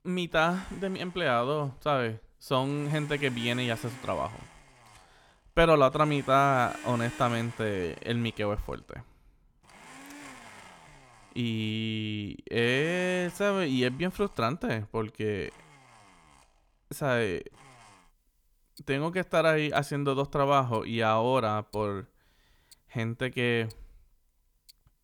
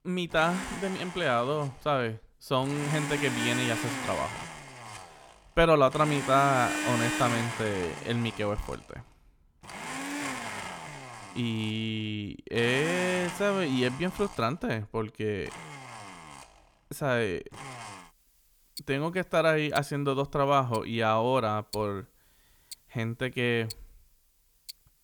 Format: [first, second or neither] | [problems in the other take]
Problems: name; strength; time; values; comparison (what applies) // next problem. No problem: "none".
first | household noises; loud; throughout; 8 dB below the speech; faint in the first